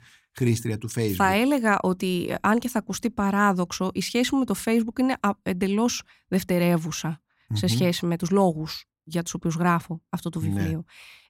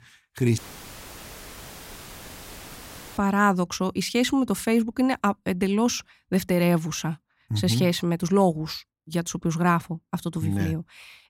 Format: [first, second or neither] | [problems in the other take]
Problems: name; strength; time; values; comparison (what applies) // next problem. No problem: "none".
first | audio cutting out; filled with static; at 0.5 s for 2.5 s